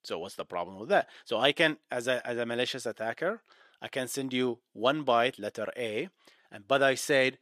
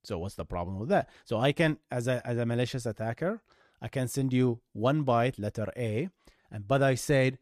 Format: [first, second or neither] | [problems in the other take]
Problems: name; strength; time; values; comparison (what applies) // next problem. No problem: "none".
second | thin; somewhat; fading below 350 Hz